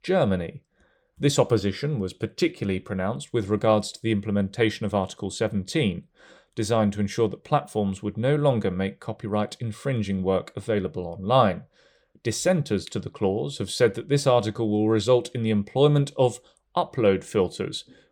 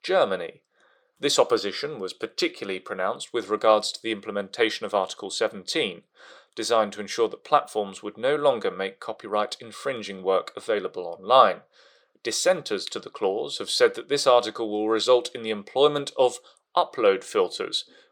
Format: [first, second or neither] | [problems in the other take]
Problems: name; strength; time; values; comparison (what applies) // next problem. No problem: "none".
first | thin; very; fading below 500 Hz